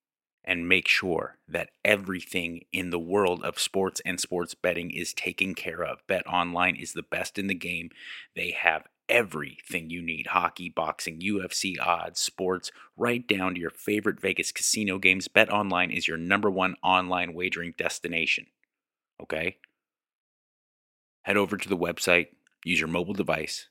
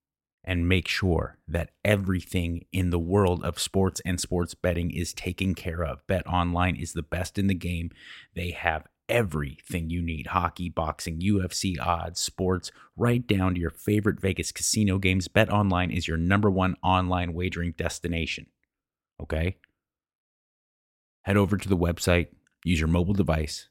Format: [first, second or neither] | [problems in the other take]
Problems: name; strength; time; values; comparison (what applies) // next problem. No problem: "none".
second | thin; somewhat; fading below 300 Hz